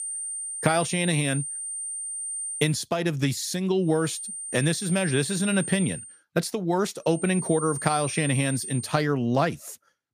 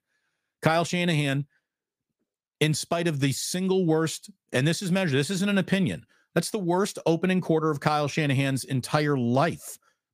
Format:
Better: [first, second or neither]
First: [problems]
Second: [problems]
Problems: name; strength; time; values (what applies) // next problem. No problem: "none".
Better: second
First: high-pitched whine; loud; until 2.5 s, from 4 to 6 s and from 7 to 9 s; 9 kHz, 6 dB below the speech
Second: none